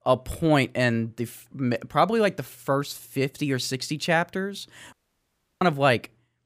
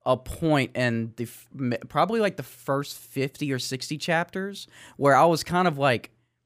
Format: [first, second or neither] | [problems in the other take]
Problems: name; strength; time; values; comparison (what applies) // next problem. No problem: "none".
second | audio cutting out; at 5 s for 0.5 s